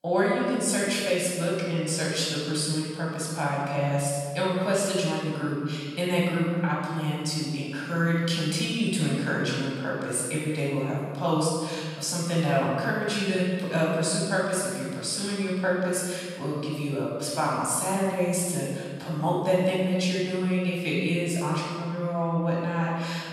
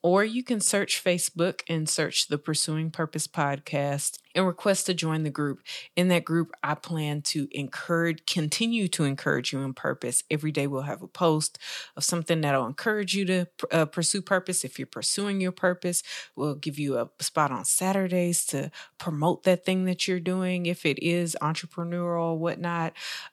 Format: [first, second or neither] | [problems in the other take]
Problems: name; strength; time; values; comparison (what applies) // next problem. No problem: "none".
second | room echo; strong; dies away in 1.7 s // off-mic speech; far